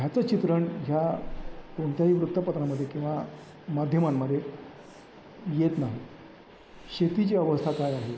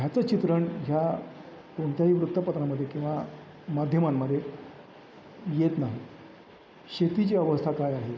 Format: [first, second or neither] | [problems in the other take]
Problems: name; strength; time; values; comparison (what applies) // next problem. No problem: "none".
second | background sound (Breathing); 19 dB below the speech